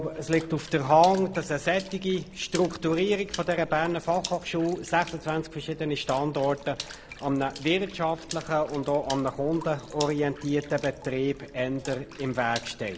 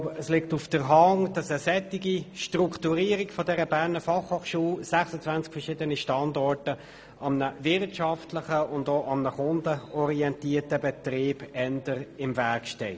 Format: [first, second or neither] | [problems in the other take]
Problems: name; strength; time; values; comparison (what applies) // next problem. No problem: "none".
second | background sound (Water / Splash, splatter); 17 dB below the speech